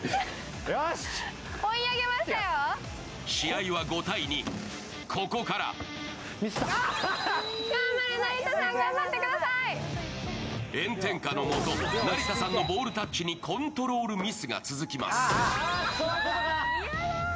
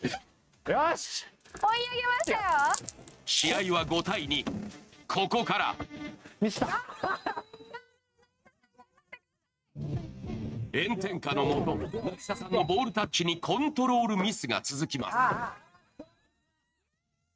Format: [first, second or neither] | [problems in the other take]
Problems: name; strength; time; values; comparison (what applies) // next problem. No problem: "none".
first | noise reduction (neural mask model RNNoise)